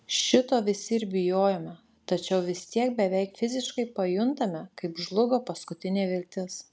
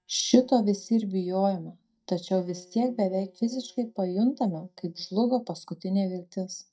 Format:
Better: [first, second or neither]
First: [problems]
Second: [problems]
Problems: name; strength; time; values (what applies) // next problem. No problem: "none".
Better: first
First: none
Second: noise reduction (neural mask model DeepFilterNet 3)